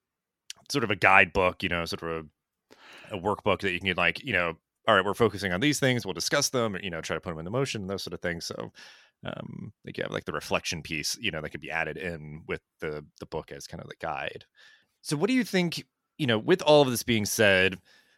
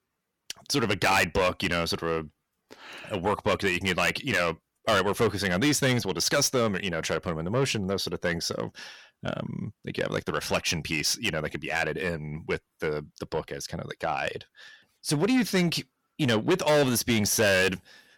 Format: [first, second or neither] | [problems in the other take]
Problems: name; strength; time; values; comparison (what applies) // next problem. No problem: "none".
first | distortion; heavy; 6 dB below the speech